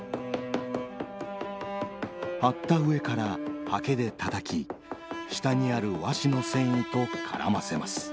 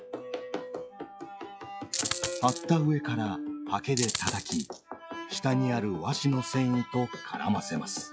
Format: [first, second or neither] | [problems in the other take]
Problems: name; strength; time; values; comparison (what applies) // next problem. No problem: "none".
first | noise reduction (classical method log-MMSE)